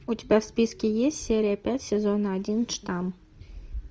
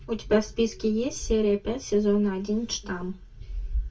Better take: first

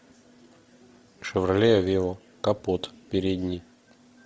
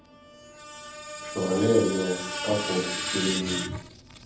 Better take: first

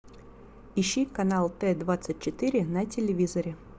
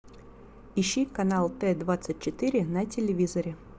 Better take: first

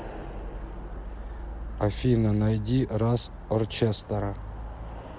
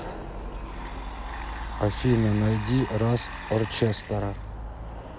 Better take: first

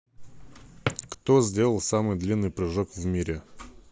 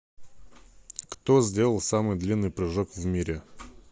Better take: second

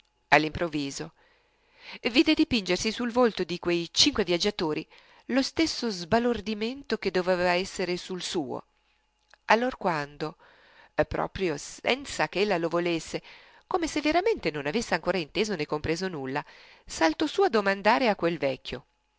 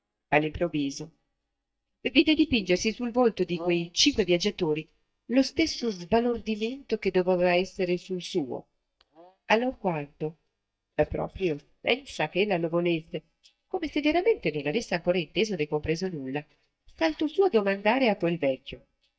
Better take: first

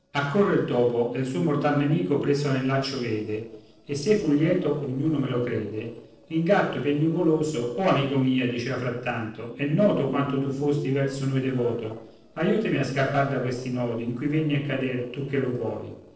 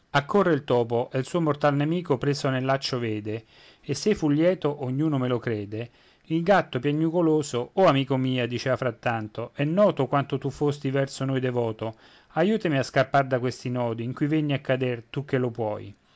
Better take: second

